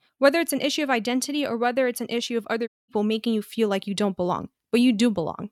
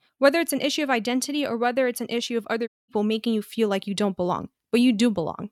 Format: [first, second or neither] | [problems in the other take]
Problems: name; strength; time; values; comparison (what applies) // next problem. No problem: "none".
neither | audio cutting out; at 2.5 s; the same in both